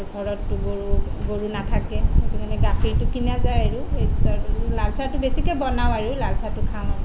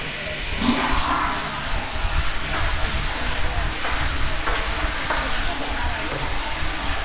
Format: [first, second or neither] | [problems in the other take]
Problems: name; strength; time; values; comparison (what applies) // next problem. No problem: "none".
first | background sound (Toilet flush / Water); 2 dB below the speech // room echo; dies away in 0.2 s